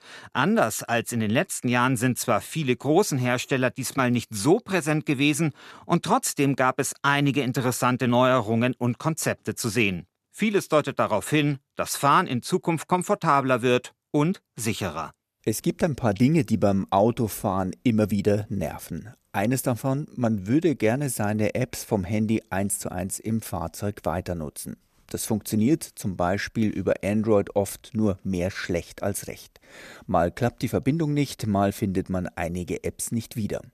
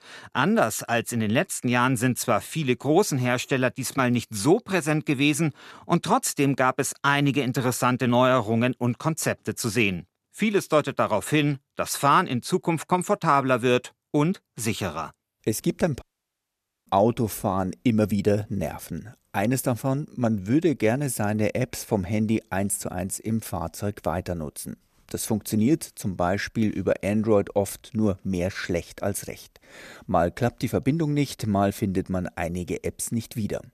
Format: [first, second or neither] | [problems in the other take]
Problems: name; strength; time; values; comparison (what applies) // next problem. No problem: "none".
first | audio cutting out; at 16 s for 1 s